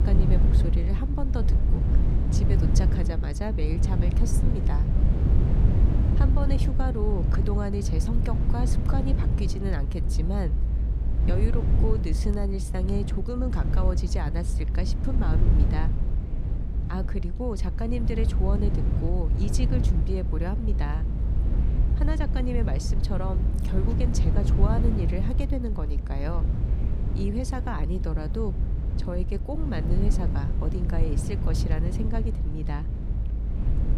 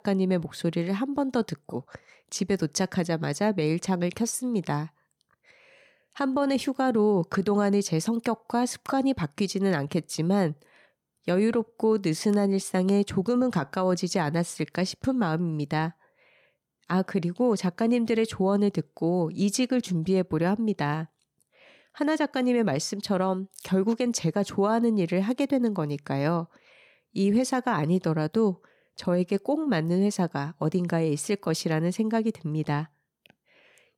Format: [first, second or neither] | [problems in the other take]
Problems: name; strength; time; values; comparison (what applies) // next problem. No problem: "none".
second | low rumble; loud; throughout; 4 dB below the speech